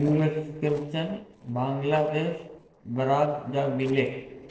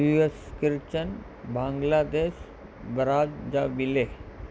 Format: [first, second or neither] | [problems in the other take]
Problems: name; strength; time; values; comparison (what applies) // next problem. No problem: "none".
second | noise reduction (neural separator model SepFormer DNS4)